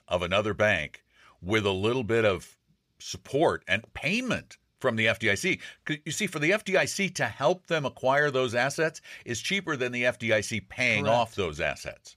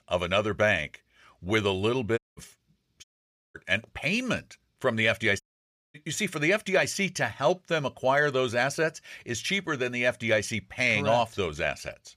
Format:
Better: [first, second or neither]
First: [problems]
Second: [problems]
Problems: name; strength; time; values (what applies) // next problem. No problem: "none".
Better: first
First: none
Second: audio cutting out; at 2 s, at 3 s for 0.5 s and at 5.5 s for 0.5 s